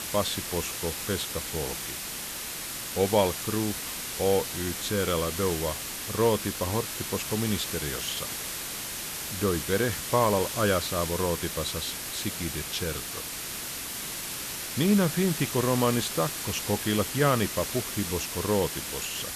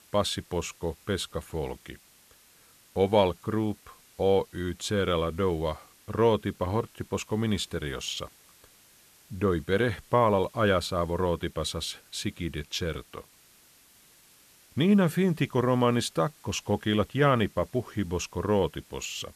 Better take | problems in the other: second | hiss; loud; throughout; 3 dB below the speech; faint in the second

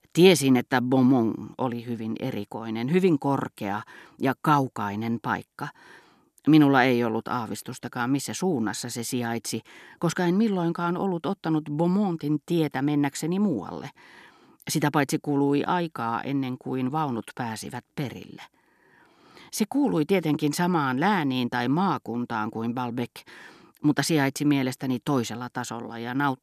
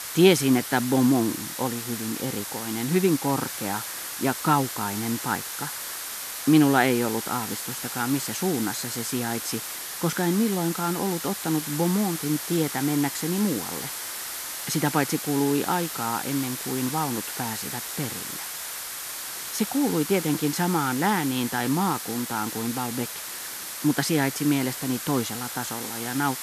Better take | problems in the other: first | hiss; loud; throughout; 5 dB below the speech

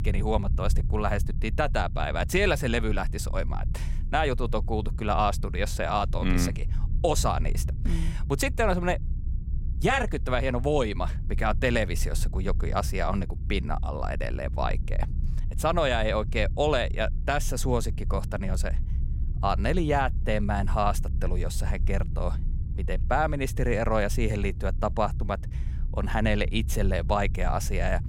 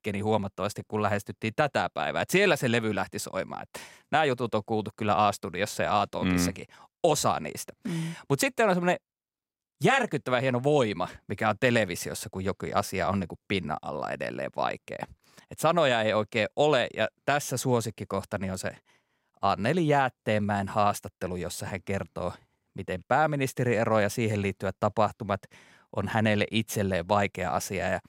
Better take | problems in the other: second | low rumble; noticeable; throughout; 20 dB below the speech

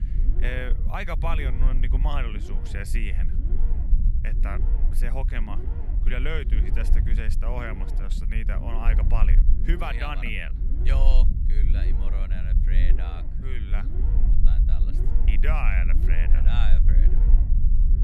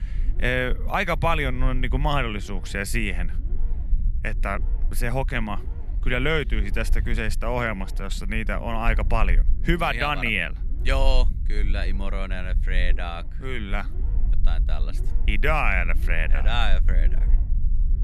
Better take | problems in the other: second | low rumble; loud; throughout; 9 dB below the speech; faint in the second

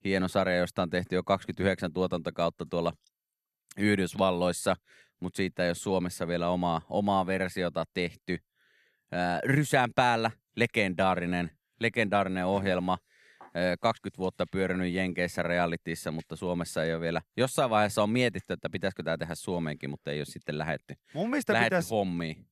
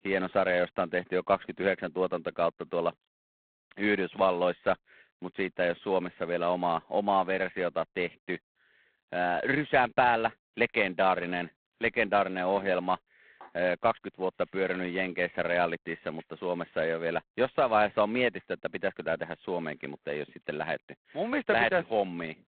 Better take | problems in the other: first | phone-call audio; poor line; nothing above 4 kHz

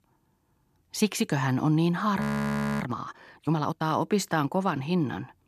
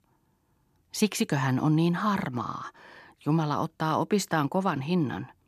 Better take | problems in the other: second | audio freezing; at 2 s for 0.5 s

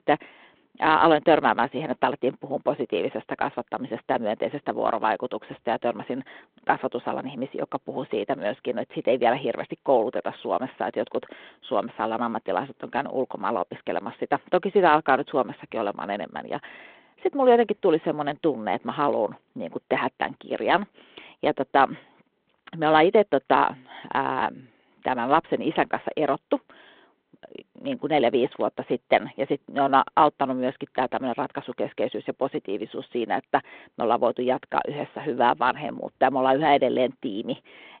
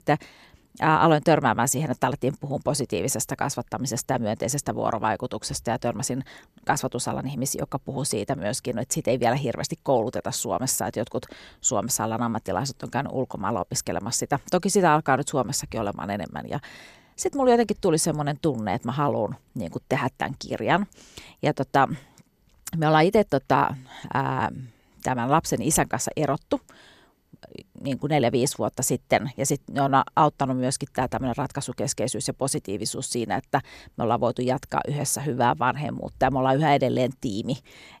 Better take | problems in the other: second | phone-call audio

